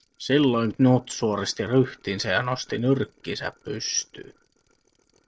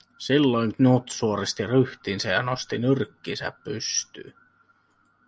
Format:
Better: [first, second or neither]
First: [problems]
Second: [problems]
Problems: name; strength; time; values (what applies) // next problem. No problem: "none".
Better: second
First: noise reduction (neural separator model SepFormer DNS4)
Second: none